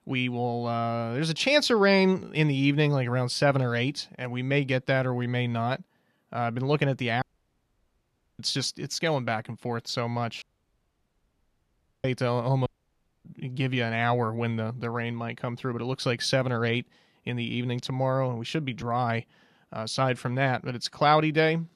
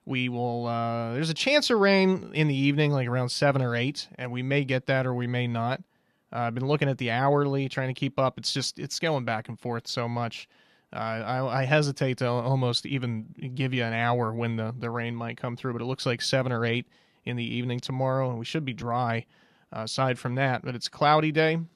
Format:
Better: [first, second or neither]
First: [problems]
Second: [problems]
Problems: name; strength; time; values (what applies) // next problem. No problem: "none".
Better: second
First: audio cutting out; at 7 s for 1 s, at 10 s for 1.5 s and at 13 s for 0.5 s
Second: none